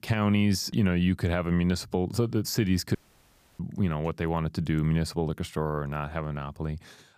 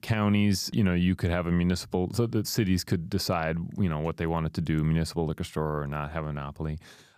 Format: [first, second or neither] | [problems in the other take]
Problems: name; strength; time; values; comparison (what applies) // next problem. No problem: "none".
second | audio cutting out; at 3 s for 0.5 s